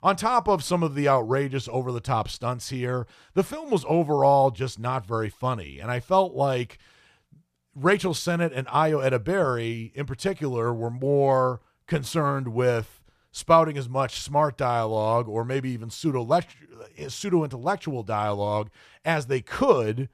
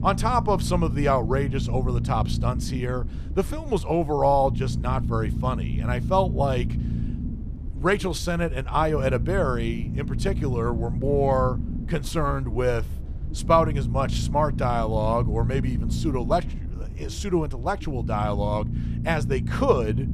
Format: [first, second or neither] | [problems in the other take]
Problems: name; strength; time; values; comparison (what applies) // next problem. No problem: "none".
first | low rumble; noticeable; throughout; 15 dB below the speech